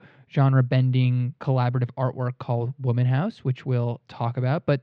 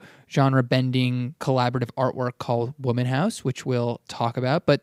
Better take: second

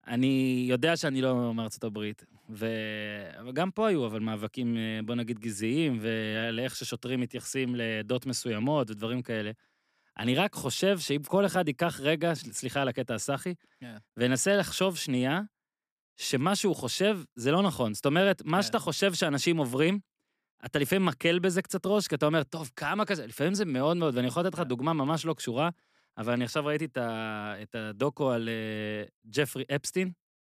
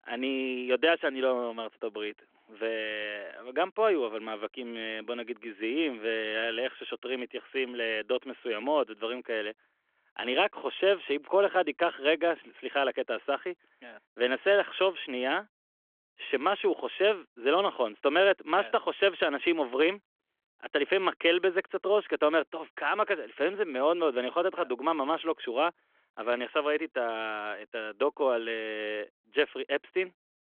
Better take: first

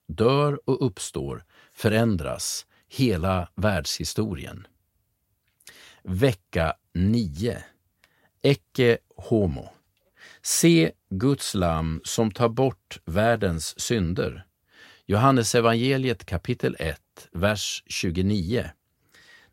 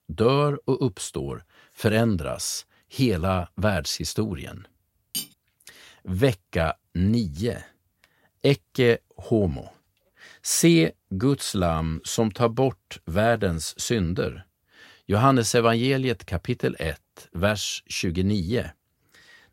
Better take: first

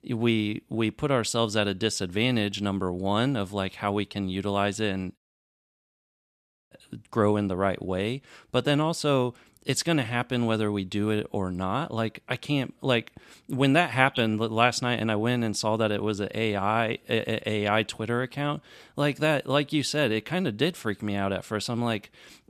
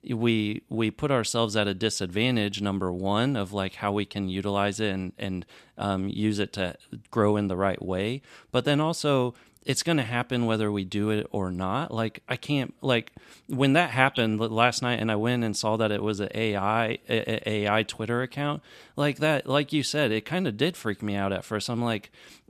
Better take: second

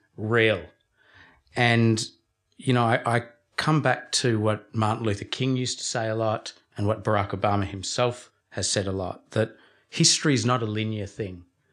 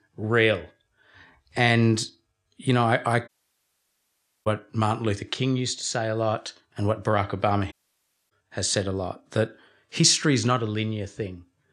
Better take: first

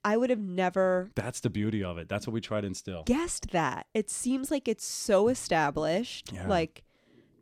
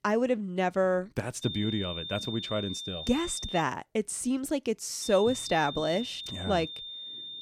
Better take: first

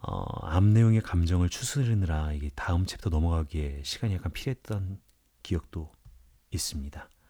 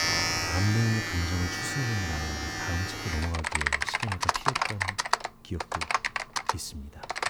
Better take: first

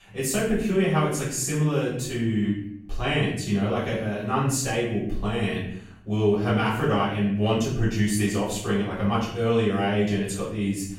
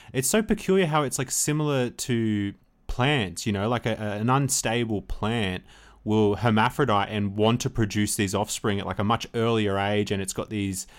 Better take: second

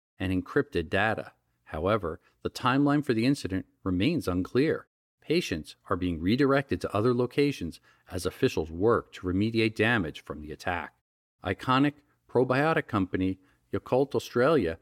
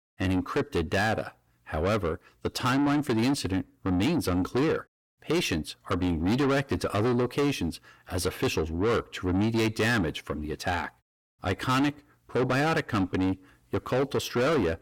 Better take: first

